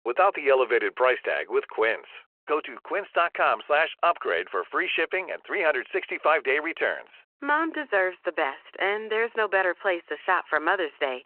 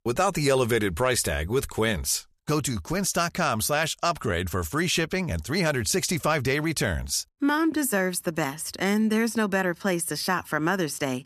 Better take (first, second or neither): second